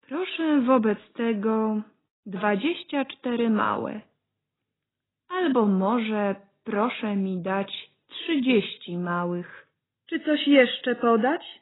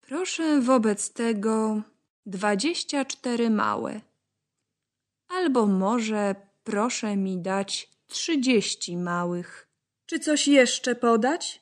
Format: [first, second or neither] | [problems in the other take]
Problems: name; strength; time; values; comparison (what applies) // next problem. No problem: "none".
second | garbled, watery; badly; nothing above 4 kHz